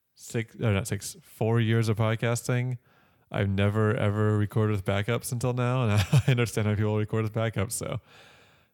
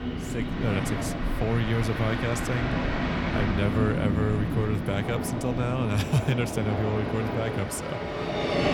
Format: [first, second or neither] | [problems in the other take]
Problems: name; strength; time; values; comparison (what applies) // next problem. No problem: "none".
first | train or aircraft noise; loud; throughout; 1 dB below the speech